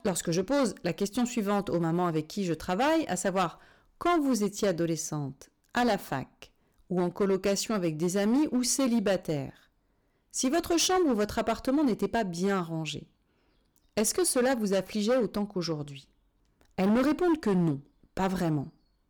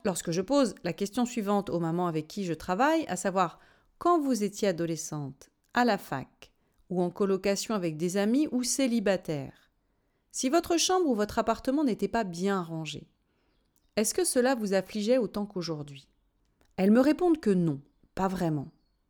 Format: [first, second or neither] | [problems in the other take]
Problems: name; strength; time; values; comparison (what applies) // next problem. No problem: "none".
second | distortion; slight; 8% of the sound clipped